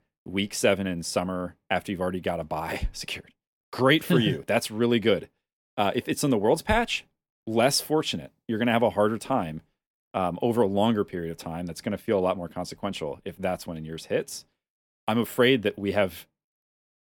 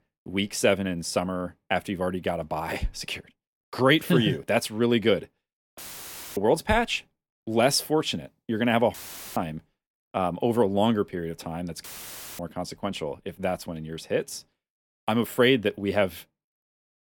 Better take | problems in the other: first | audio cutting out; filled with static; at 6 s for 0.5 s, at 9 s and at 12 s for 0.5 s

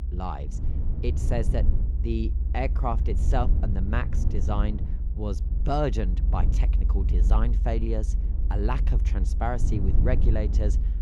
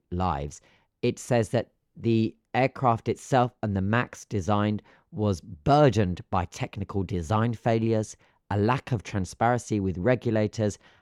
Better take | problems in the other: second | low rumble; noticeable; throughout; 10 dB below the speech

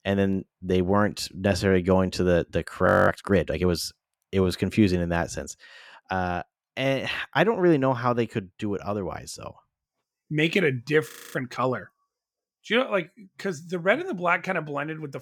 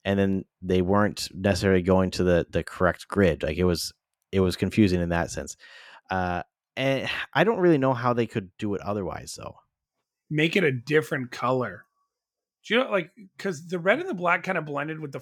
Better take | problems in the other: second | audio freezing; at 3 s and at 11 s

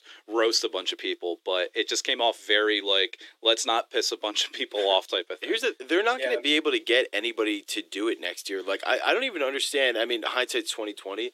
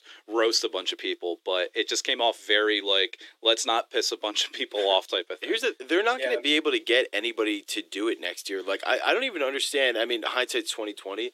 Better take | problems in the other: neither | thin; very; fading below 350 Hz; the same in both

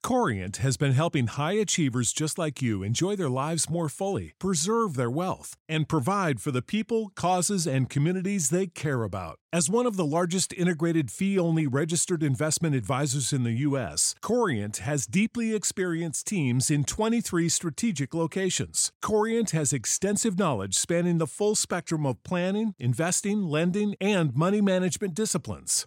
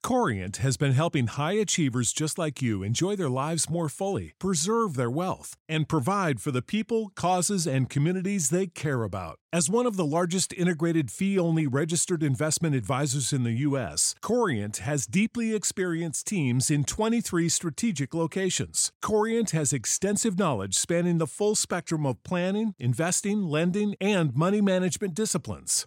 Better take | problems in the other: neither | none

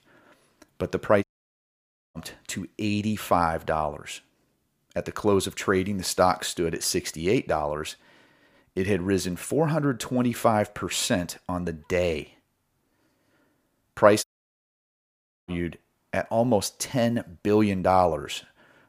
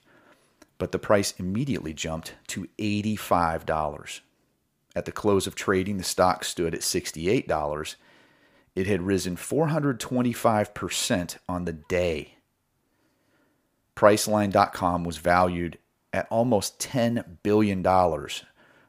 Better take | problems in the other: second | audio cutting out; at 1 s for 1 s and at 14 s for 1 s

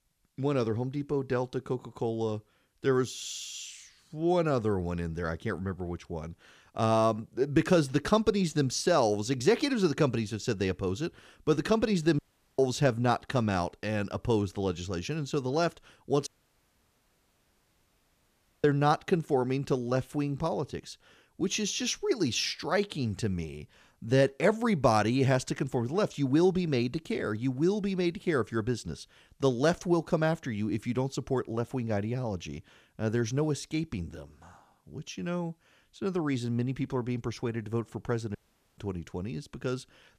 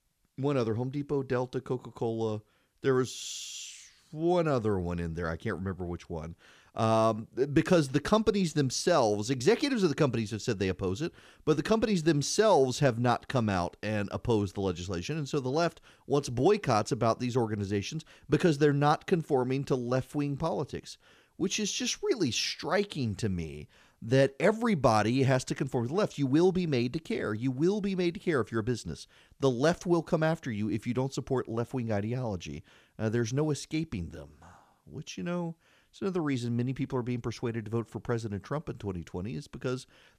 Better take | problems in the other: second | audio cutting out; at 12 s, at 16 s for 2.5 s and at 38 s

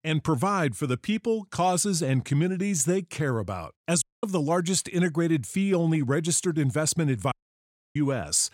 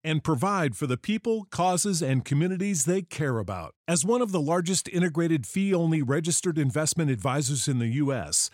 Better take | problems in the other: second | audio cutting out; at 4 s and at 7.5 s for 0.5 s

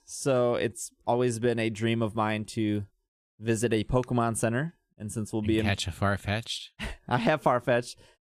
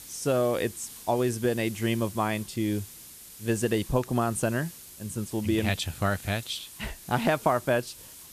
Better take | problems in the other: first | hiss; noticeable; throughout; 15 dB below the speech

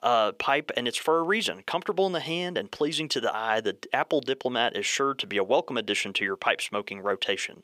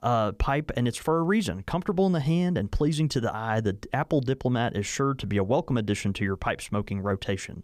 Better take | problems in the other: second | thin; somewhat; fading below 450 Hz

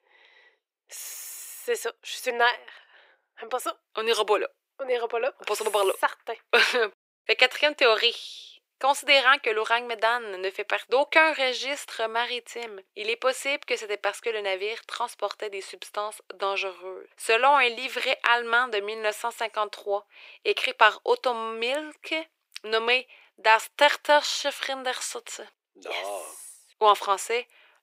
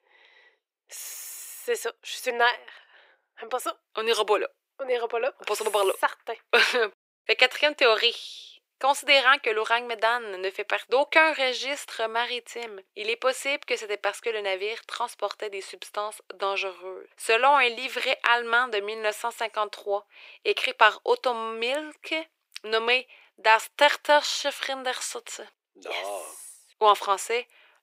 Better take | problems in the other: neither | thin; very; fading below 350 Hz; the same in both

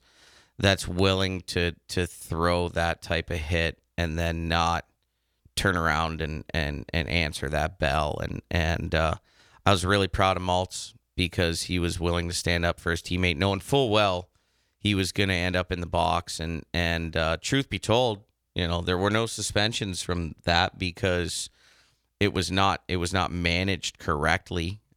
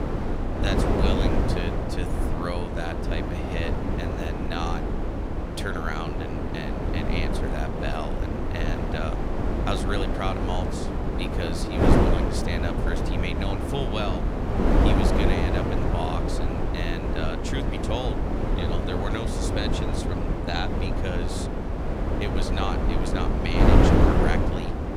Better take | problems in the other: first | wind noise on the microphone; heavy; 3 dB above the speech

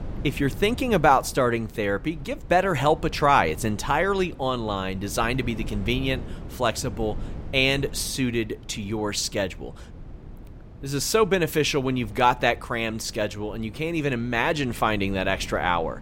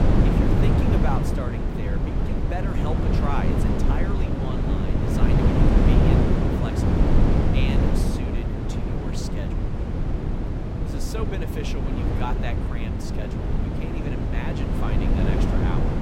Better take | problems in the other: first | wind noise on the microphone; heavy; 5 dB above the speech; occasional gusts in the first

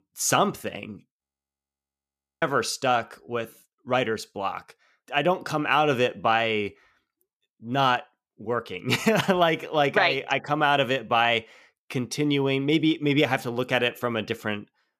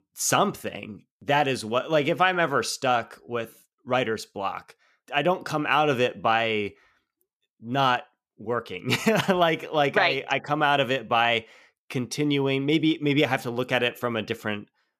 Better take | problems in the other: second | audio freezing; at 1 s for 1 s

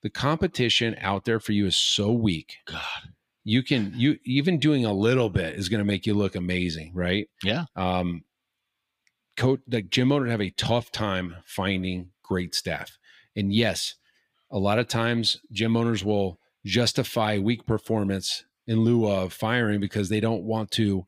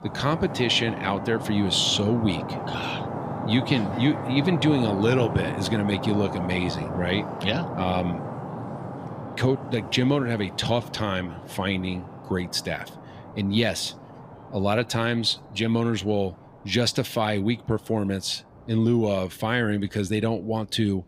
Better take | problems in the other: first | rain or running water; loud; throughout; 8 dB below the speech

